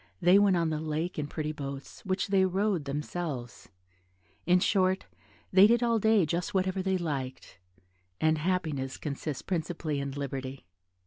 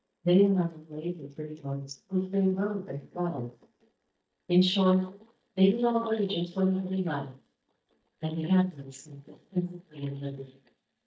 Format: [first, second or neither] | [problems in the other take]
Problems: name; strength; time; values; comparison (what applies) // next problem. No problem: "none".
first | noise reduction (neural mask model DeepFilterNet 3)